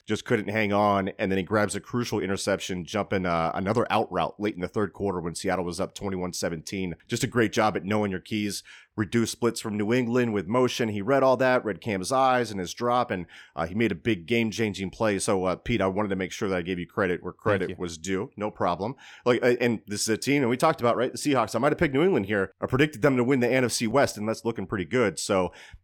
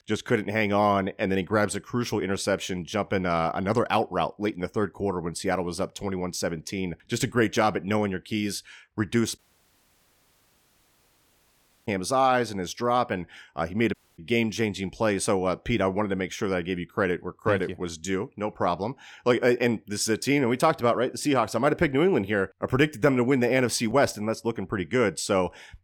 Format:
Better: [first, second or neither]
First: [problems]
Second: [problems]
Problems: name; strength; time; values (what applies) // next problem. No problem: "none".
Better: first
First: none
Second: audio cutting out; at 9.5 s for 2.5 s and at 14 s